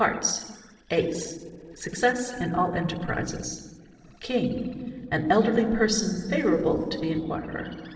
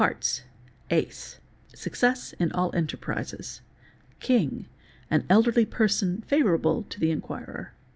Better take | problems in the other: second | noise reduction (neural separator model SepFormer DNS4)

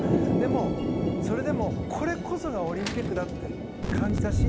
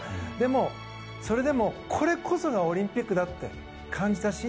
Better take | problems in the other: second | background sound (Thunder); 5 dB above the speech

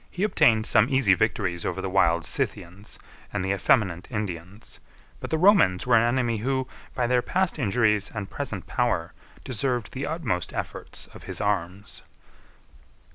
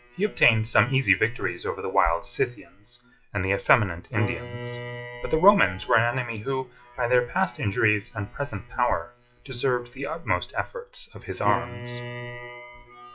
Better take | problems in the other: first | noise reduction (classical method WPE with log-MMSE)

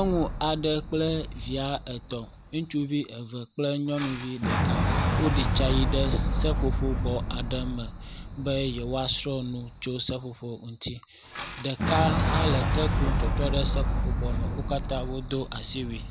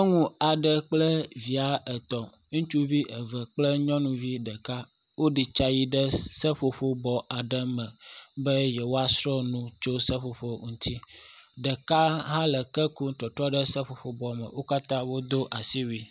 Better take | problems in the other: second | background sound (Boom); 2 dB above the speech

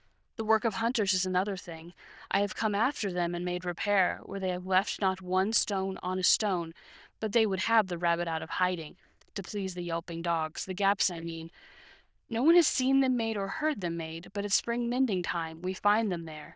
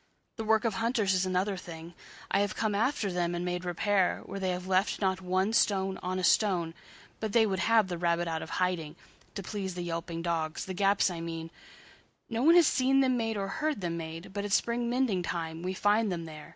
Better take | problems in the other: second | noise reduction (neural diffusion model UNIVERSE++)

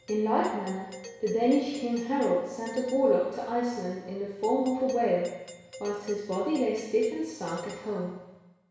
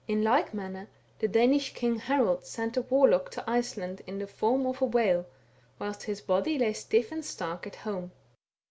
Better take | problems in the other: second | background sound (Doorbell); 19 dB below the speech // room echo; dies away in 1.1 s

